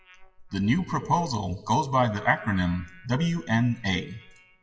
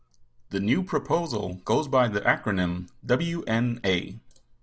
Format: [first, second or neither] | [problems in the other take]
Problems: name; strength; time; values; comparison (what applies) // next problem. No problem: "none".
second | noise reduction (classical method WPE with log-MMSE)